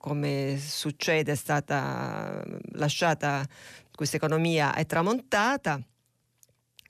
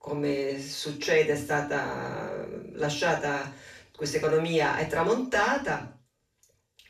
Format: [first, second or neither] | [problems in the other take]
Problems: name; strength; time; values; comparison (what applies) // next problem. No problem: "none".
first | room echo; slight; dies away in 0.4 s // off-mic speech; far